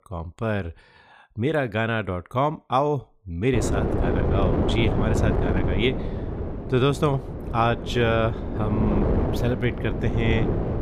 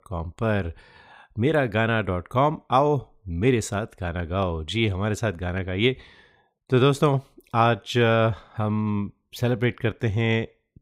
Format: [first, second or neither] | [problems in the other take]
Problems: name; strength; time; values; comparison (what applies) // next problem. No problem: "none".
second | wind noise on the microphone; heavy; from 3.5 s on; 4 dB below the speech